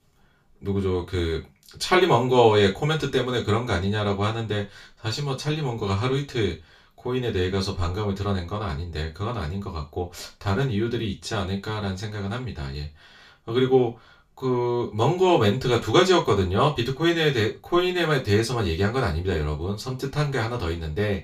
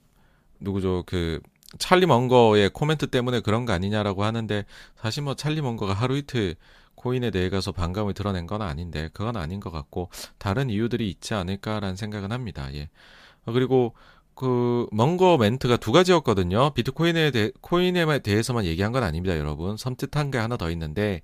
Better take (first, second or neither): second